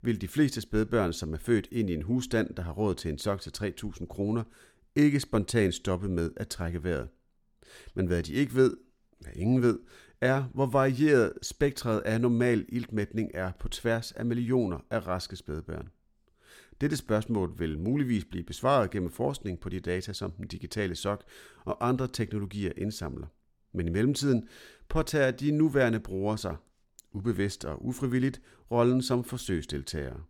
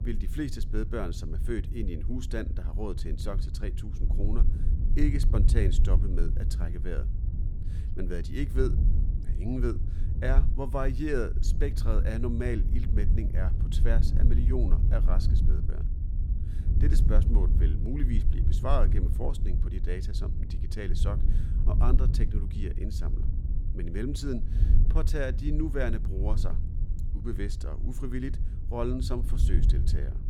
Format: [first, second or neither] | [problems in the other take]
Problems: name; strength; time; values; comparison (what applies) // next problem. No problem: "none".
first | low rumble; loud; throughout; 9 dB below the speech